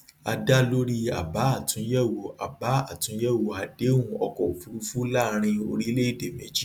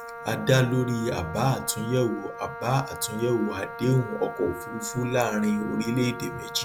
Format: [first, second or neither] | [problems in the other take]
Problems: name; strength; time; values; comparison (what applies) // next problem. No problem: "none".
first | background sound (Wind instrument, woodwind instrument); 12 dB below the speech